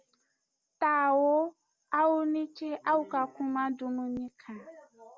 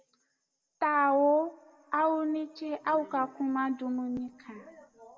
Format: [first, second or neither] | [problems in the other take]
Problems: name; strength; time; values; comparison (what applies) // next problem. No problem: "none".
first | room echo; dies away in 1.6 s